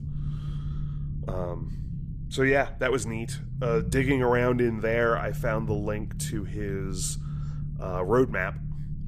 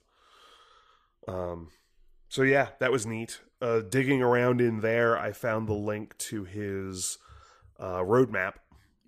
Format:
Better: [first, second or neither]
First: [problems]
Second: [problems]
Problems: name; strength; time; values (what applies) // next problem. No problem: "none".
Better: second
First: low rumble; noticeable; throughout; 20 dB below the speech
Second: none